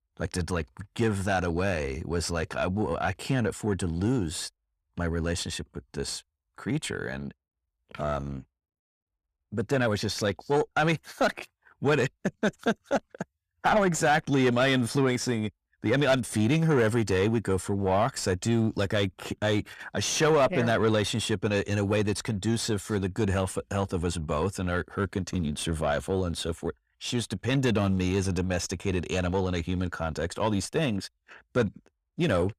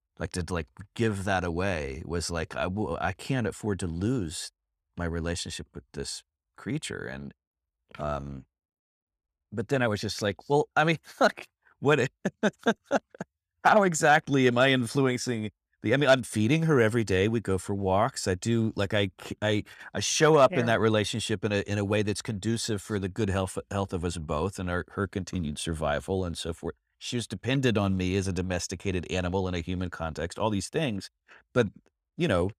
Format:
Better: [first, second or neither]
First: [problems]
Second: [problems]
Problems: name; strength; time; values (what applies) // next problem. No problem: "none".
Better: second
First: distortion; slight; 10 dB below the speech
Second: none